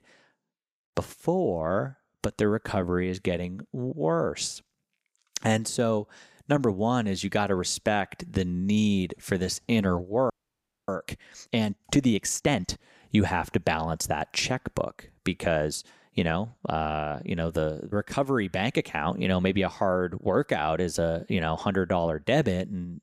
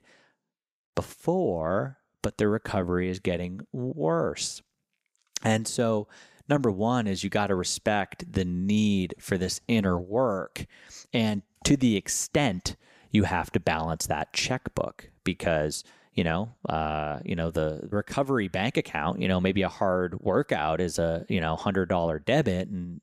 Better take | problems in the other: second | audio freezing; at 10 s for 0.5 s

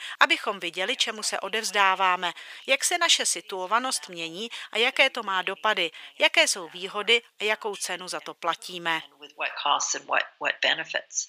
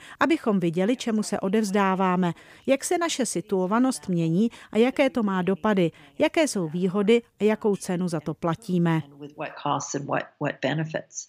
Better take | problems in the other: second | thin; very; fading below 850 Hz

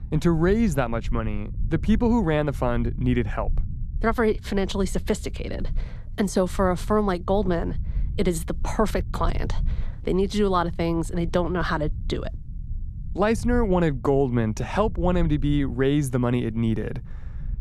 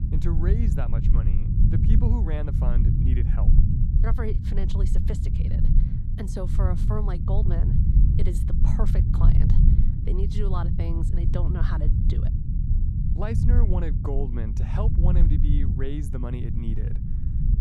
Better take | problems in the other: first | low rumble; loud; throughout; 1 dB below the speech; faint in the first

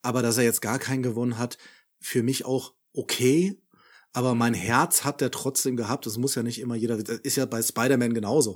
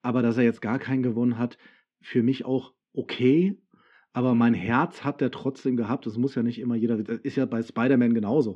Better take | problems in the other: first | muffled; very; fading above 3 kHz

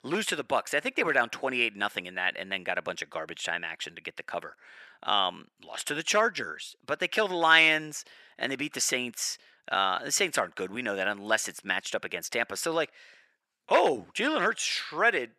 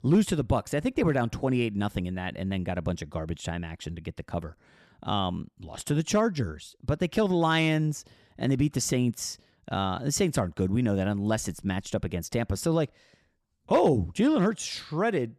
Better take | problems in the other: second | thin; very; fading below 550 Hz

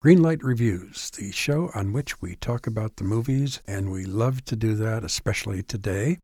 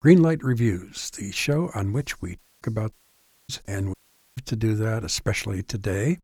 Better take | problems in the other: first | audio cutting out; at 2.5 s, at 3 s for 0.5 s and at 4 s

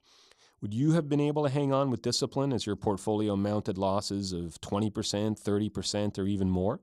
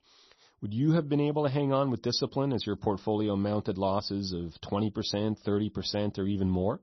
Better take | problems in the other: first | garbled, watery; slightly; nothing above 6 kHz

